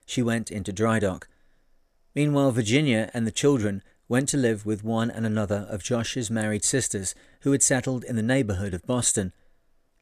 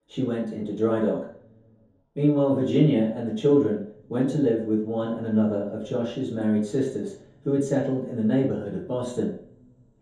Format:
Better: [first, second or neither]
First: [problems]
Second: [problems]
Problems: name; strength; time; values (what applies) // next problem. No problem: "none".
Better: first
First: none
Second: room echo; noticeable; dies away in 0.6 s // off-mic speech; far